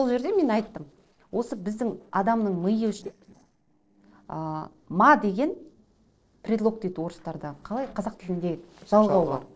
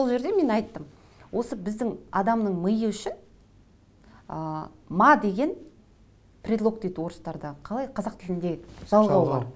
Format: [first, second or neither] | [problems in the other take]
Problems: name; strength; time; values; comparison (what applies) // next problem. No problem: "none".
second | noise reduction (neural separator model SepFormer DNS4)